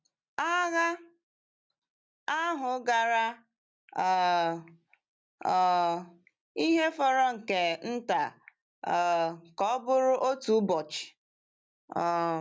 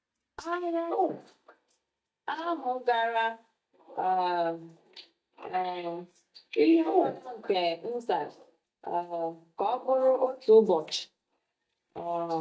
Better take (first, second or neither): first